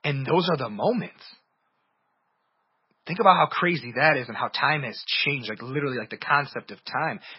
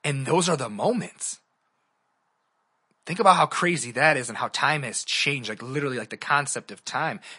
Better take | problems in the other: second | garbled, watery; badly; nothing above 5.5 kHz; slightly in the second

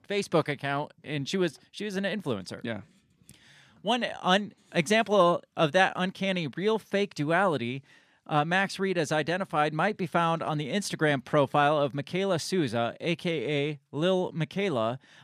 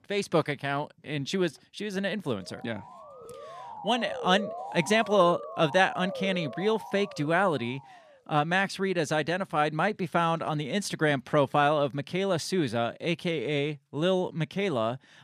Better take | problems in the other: first | siren; noticeable; from 2.5 to 8 s; peak 8 dB below the speech

